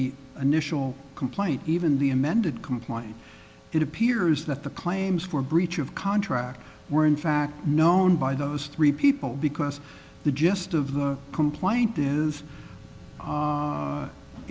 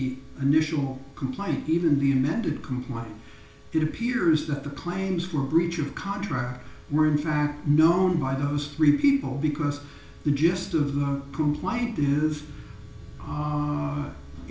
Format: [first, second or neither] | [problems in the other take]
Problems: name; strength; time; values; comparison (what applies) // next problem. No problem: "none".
first | room echo; dies away in 0.4 s